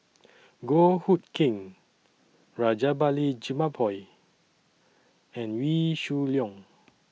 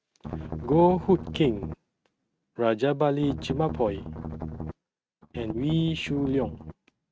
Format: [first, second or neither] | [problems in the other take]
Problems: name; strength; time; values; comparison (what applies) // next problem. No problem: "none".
first | noise reduction (neural mask model RNNoise)